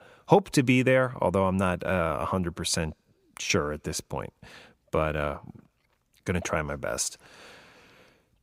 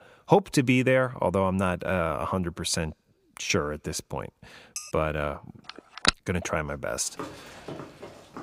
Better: first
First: none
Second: clattering dishes; faint; at 5 s; peak 10 dB below the speech // phone ringing; very faint; at 6 s; peak 2 dB above the speech // footsteps; faint; from 7 s on; peak 15 dB below the speech

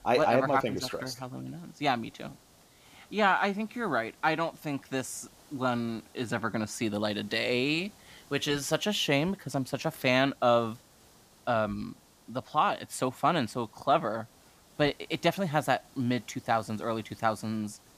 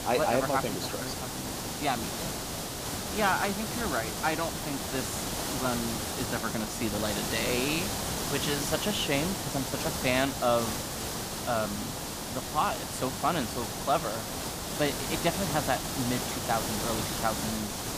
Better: first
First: hiss; faint; throughout; 25 dB below the speech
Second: hiss; loud; throughout; 1 dB below the speech

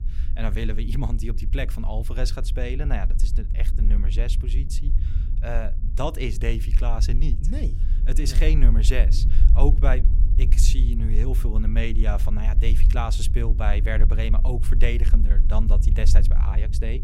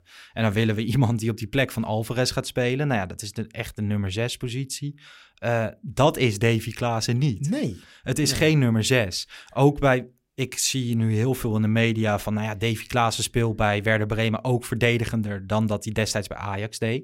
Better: second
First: low rumble; noticeable; throughout; 10 dB below the speech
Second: none

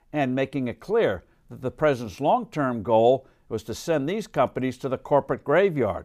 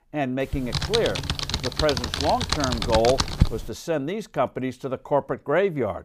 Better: first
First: none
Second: keyboard typing; loud; from 0.5 to 3.5 s; peak 3 dB above the speech

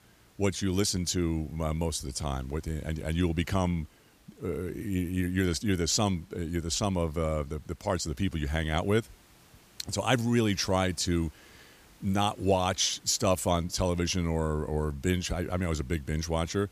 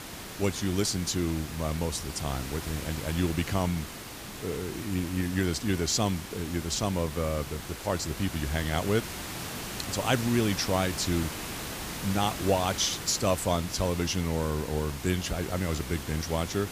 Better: first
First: hiss; faint; throughout; 30 dB below the speech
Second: hiss; loud; throughout; 8 dB below the speech

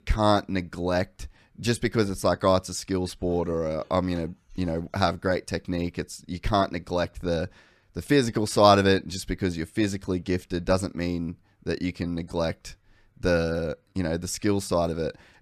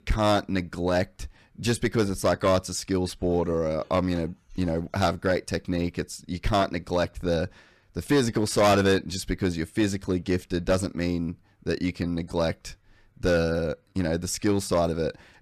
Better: first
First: none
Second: distortion; slight; 3% of the sound clipped

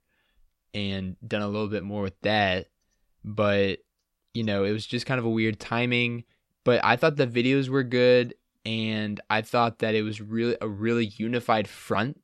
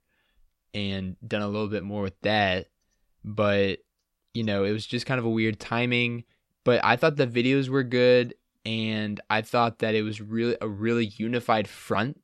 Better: neither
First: none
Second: none

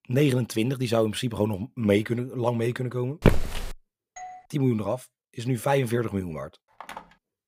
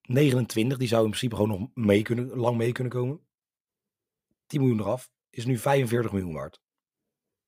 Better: second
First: footsteps; loud; at 3 s; peak 3 dB above the speech // doorbell; faint; at 4 s; peak 15 dB below the speech // phone ringing; faint; at 7 s; peak 15 dB below the speech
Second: none

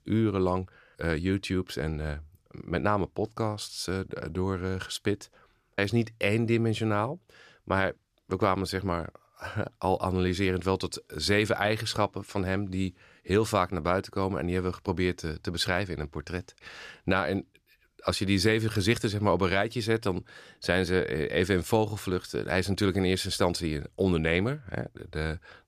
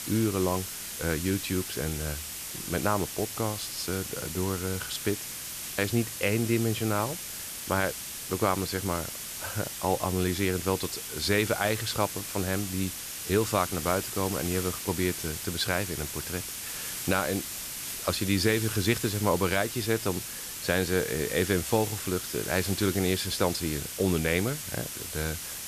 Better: first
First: none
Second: hiss; loud; throughout; 5 dB below the speech

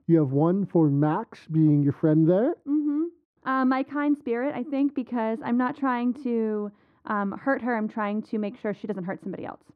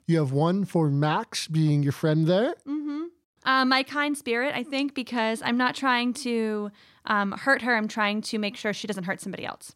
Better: second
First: muffled; very; fading above 2.5 kHz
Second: none

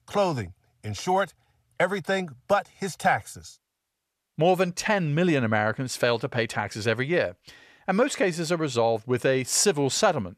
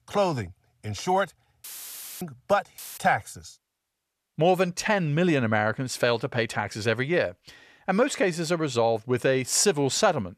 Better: first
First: none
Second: audio cutting out; filled with static; at 1.5 s for 0.5 s and at 3 s

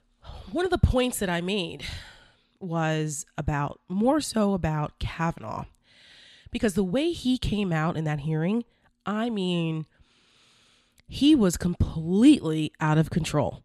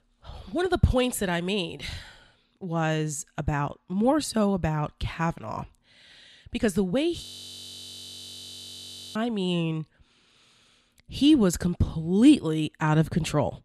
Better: first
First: none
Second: audio freezing; at 7 s for 2 s

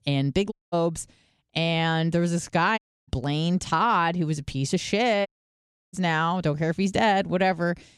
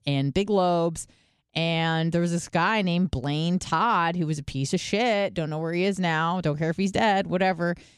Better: second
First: audio cutting out; at 0.5 s, at 3 s and at 5.5 s for 0.5 s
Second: none

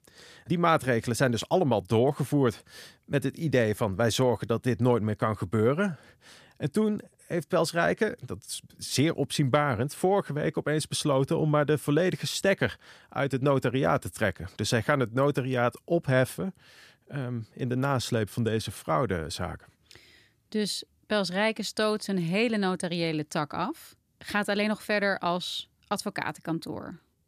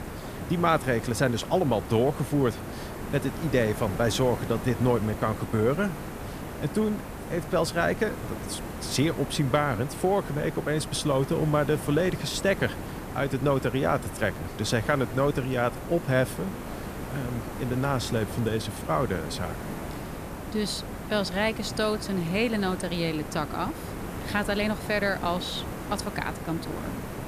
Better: first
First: none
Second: hiss; loud; throughout; 9 dB below the speech

